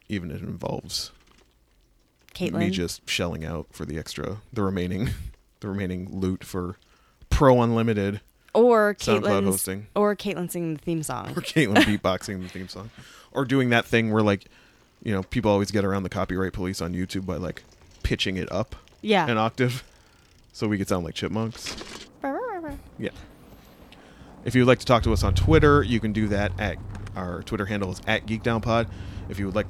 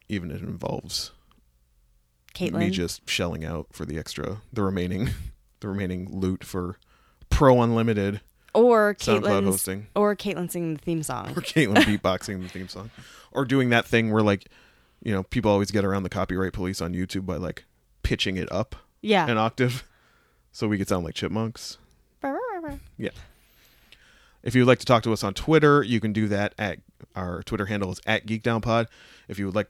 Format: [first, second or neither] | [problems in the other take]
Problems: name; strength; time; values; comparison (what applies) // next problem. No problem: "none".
second | traffic noise; loud; throughout; 8 dB below the speech